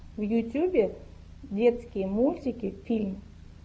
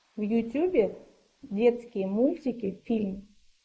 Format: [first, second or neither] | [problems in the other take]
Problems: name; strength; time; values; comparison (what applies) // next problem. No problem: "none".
first | noise reduction (neural mask model Resemble Enhance denoiser)